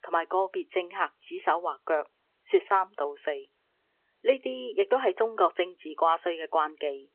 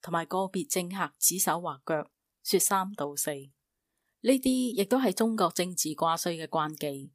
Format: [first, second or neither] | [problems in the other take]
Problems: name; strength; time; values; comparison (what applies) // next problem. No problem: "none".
second | phone-call audio